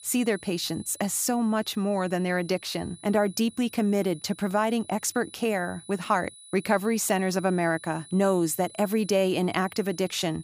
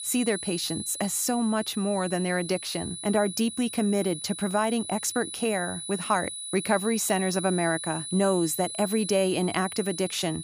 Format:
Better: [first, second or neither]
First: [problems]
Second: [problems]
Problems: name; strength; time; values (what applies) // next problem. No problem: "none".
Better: first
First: high-pitched whine; faint; throughout; 10 kHz, 20 dB below the speech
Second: high-pitched whine; loud; throughout; 10 kHz, 7 dB below the speech